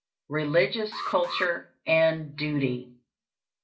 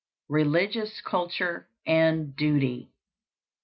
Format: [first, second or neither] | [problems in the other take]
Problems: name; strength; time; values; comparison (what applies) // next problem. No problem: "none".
second | background sound (Alarm); 12 dB below the speech // room echo; dies away in 0.2 s